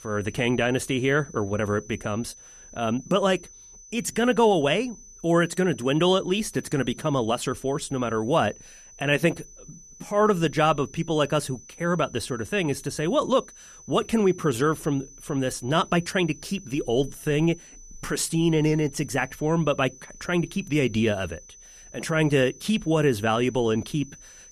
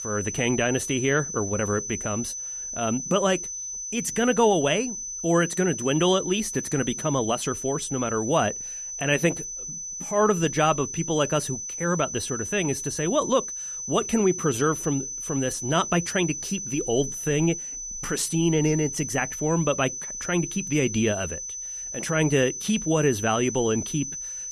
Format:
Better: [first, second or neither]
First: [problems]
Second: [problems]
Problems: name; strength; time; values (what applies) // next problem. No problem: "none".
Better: first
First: high-pitched whine; faint; throughout; 6 kHz, 20 dB below the speech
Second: high-pitched whine; loud; throughout; 6 kHz, 6 dB below the speech